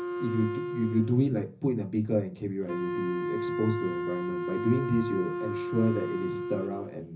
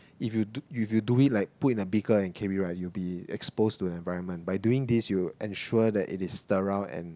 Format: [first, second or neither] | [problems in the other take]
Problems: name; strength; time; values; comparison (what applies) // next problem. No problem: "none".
second | background sound (Wind instrument, woodwind instrument); 4 dB below the speech // room echo; dies away in 0.4 s